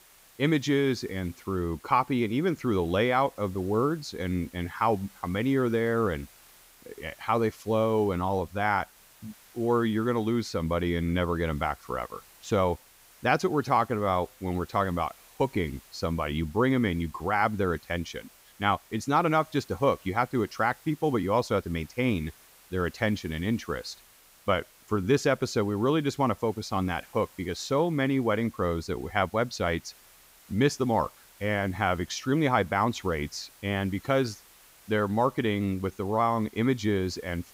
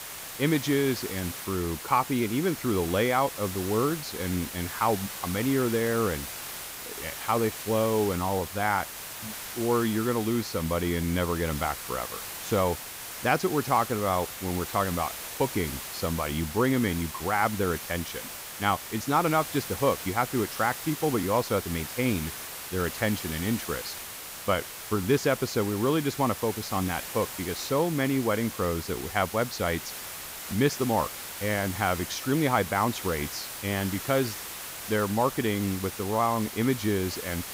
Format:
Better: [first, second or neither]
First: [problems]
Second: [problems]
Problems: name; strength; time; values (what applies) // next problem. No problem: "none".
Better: first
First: hiss; faint; throughout; 25 dB below the speech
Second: hiss; loud; throughout; 8 dB below the speech